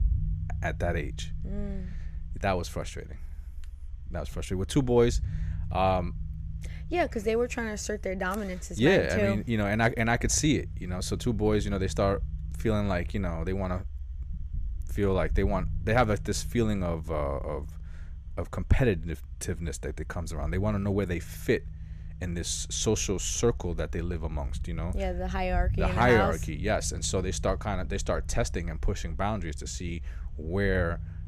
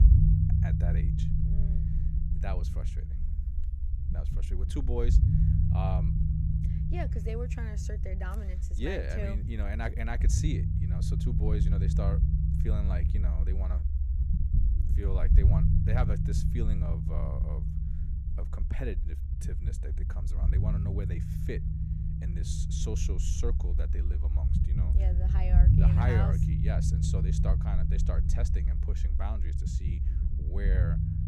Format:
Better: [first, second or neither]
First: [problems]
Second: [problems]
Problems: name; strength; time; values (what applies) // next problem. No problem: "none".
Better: first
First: low rumble; faint; throughout; 25 dB below the speech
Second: low rumble; loud; throughout; 2 dB below the speech